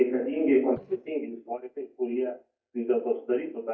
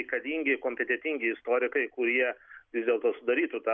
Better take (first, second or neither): second